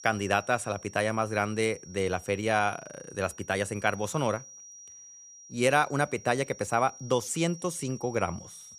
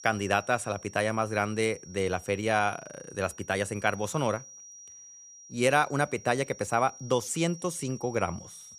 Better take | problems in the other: neither | high-pitched whine; noticeable; throughout; 5.5 kHz, 20 dB below the speech; the same in both

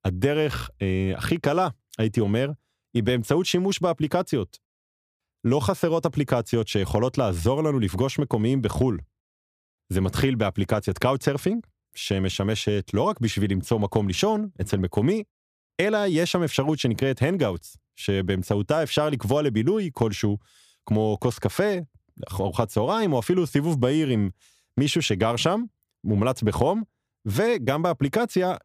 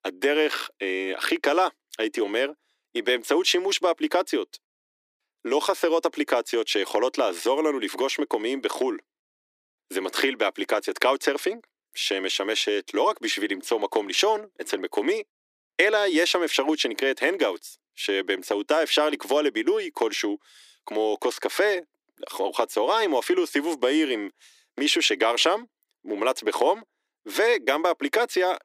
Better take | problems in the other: first | thin; somewhat; fading below 300 Hz

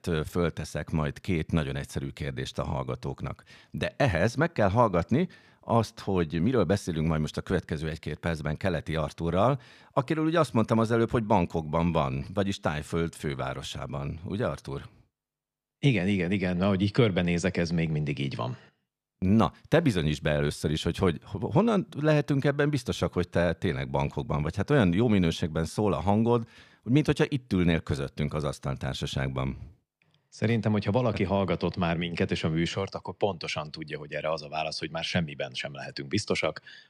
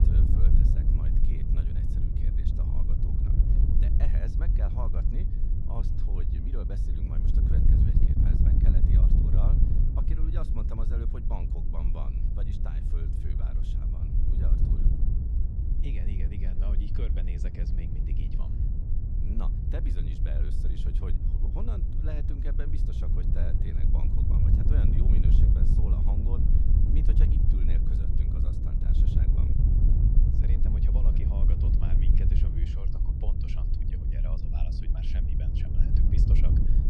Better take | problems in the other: first | wind noise on the microphone; heavy; 4 dB above the speech

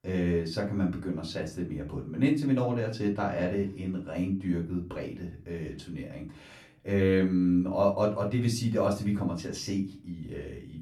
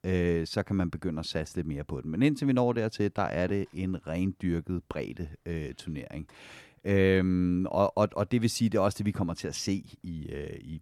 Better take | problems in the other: second | off-mic speech; far // room echo; very slight; dies away in 0.3 s

